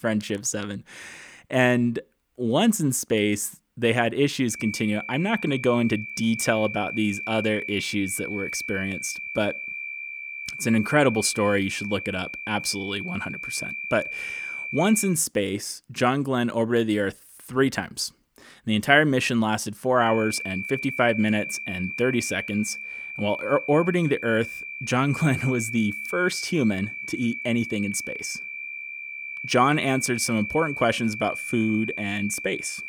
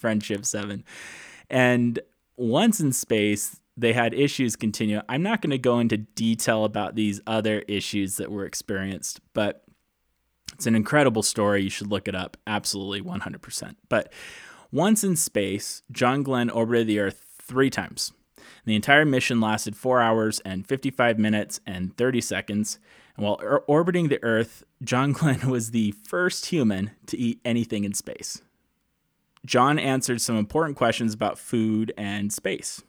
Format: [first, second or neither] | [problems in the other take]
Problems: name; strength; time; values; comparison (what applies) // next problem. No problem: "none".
second | high-pitched whine; loud; from 4.5 to 15 s and from 20 s on; 2.5 kHz, 7 dB below the speech